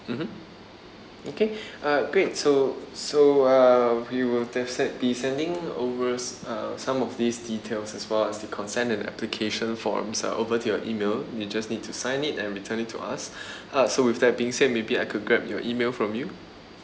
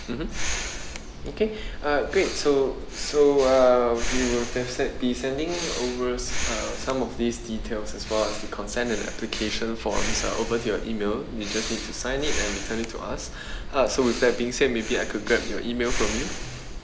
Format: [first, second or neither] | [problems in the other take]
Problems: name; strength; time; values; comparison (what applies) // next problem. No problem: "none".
first | background sound (Breathing); 5 dB below the speech